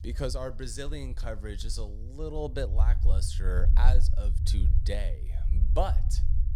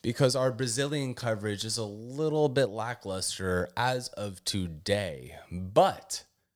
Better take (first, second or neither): second